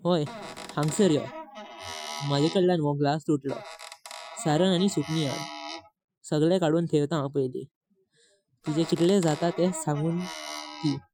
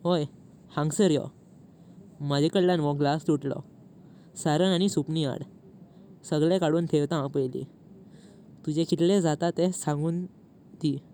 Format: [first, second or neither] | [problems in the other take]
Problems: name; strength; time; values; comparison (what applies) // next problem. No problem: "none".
second | noise reduction (classical method Wiener filter)